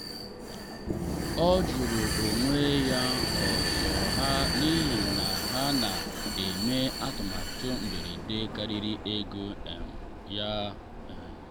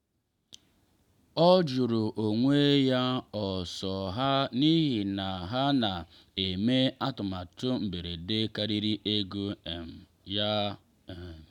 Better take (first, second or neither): second